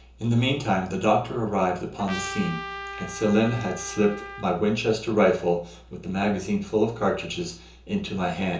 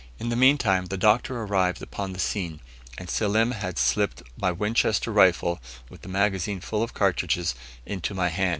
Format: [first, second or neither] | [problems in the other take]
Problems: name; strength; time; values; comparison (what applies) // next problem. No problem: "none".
second | background sound (Trumpet); 12 dB below the speech // room echo; dies away in 0.6 s